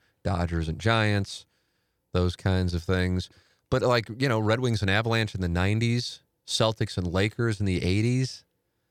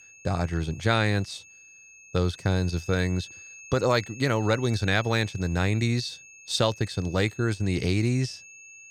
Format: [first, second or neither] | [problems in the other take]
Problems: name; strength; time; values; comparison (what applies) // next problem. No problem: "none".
first | high-pitched whine; noticeable; throughout; 2.5 kHz, 20 dB below the speech